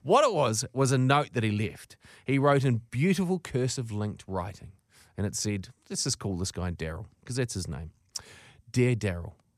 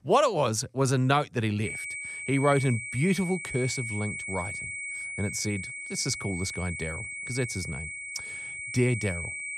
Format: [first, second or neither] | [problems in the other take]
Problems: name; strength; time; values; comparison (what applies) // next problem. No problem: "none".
first | high-pitched whine; loud; from 1.5 s on; 2 kHz, 6 dB below the speech